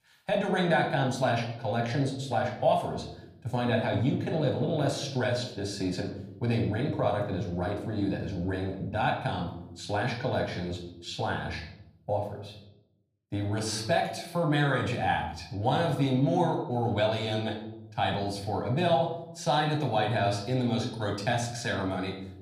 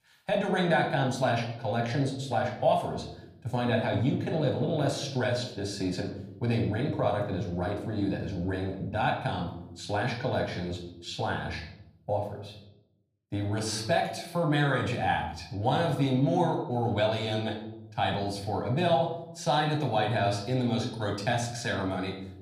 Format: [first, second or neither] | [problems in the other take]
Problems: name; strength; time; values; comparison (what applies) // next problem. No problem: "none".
neither | off-mic speech; somewhat distant; the same in both // room echo; slight; dies away in 0.7 s; the same in both